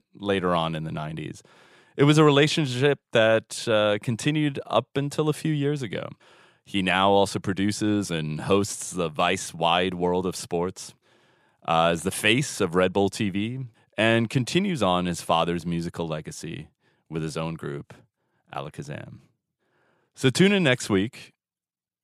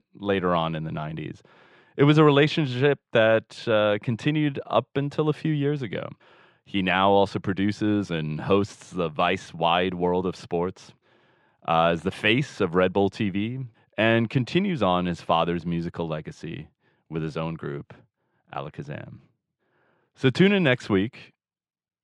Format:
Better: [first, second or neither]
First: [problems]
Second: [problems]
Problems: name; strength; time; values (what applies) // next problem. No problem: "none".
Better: first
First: none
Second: muffled; slightly; fading above 3 kHz